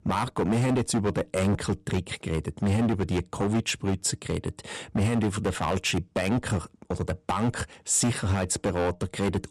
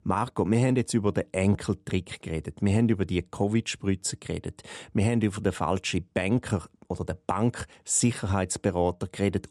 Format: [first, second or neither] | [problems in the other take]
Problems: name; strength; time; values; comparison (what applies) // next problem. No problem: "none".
second | distortion; heavy; 12% of the sound clipped